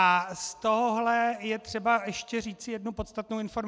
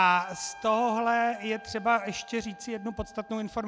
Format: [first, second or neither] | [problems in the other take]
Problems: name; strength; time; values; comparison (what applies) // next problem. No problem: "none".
first | background sound (Trumpet); 19 dB below the speech